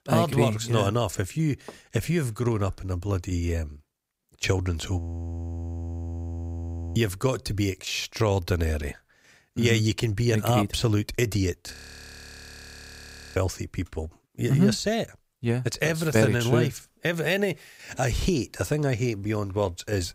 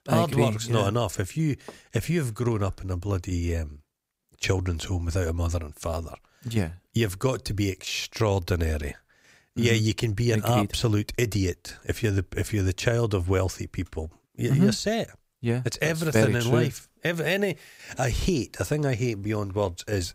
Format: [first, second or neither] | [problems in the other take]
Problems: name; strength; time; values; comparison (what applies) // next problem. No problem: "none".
second | audio freezing; at 5 s for 2 s and at 12 s for 1.5 s